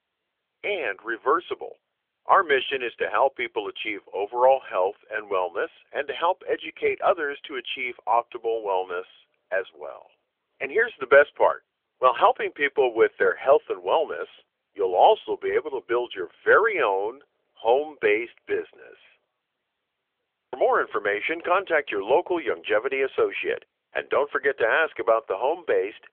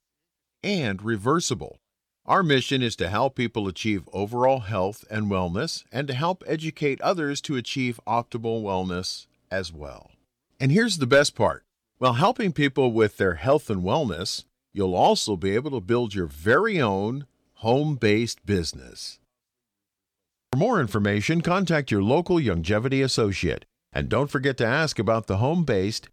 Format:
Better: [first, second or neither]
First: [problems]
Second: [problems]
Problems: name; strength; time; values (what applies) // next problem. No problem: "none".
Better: second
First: phone-call audio; nothing above 3.5 kHz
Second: none